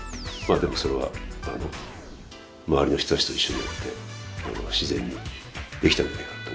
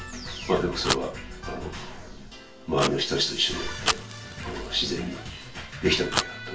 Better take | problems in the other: first | background sound (Fire); 6 dB below the speech // room echo; dies away in 0.2 s

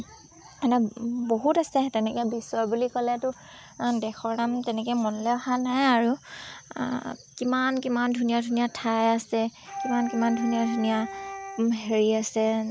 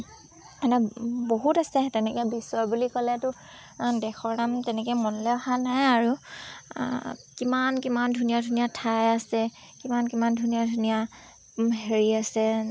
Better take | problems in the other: second | background sound (Wind instrument, woodwind instrument); 11 dB below the speech

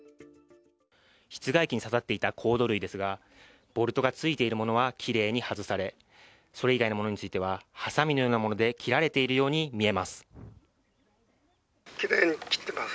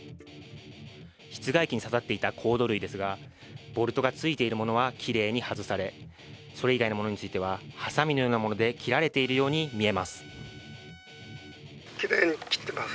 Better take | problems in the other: first | background sound (Trumpet + Guitar); 17 dB below the speech

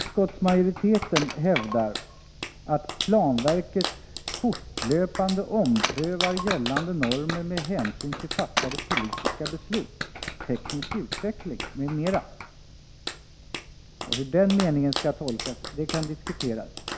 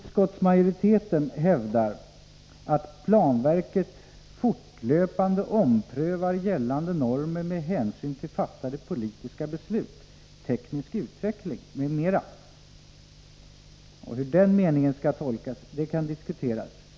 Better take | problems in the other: second | background sound (Clapping + Wood); 7 dB below the speech

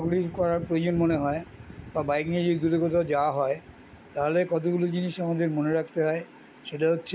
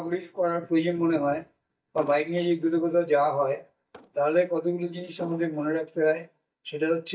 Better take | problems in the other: first | noise reduction (neural mask model DeepFilterNet 3)

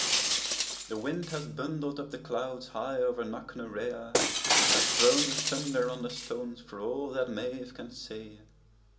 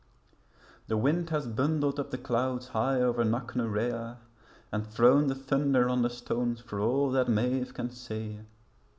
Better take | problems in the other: second | background sound (Shatter); 1 dB above the speech // room echo; dies away in 0.2 s

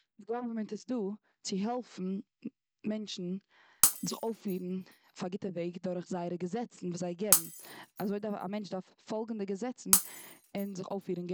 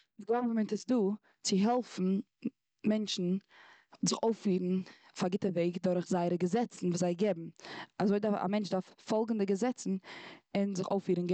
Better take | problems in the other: second | background sound (Shatter); 4 dB above the speech

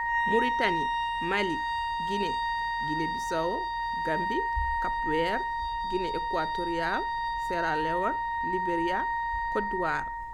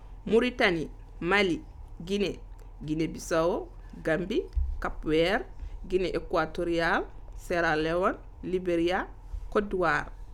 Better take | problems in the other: second | background sound (Wind instrument, woodwind instrument); 3 dB above the speech

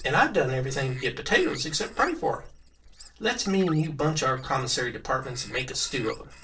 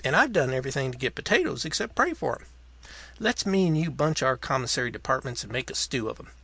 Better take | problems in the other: second | noise reduction (neural separator model SepFormer DNS4)

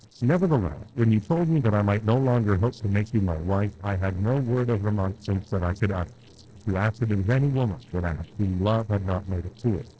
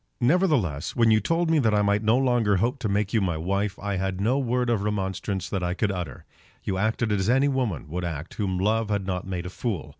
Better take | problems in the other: second | noise reduction (neural separator model SepFormer DNS4)

